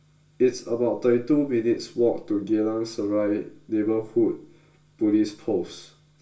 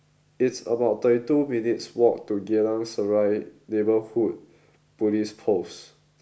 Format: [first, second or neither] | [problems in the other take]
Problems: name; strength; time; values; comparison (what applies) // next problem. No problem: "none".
second | room echo; dies away in 0.2 s